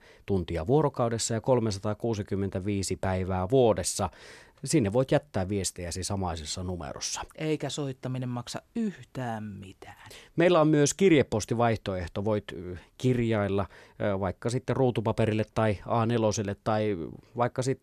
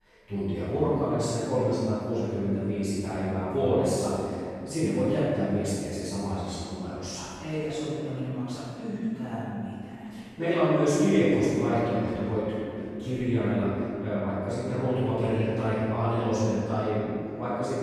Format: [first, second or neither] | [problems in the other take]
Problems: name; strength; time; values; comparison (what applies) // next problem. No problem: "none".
first | off-mic speech; far // room echo; strong; dies away in 2.6 s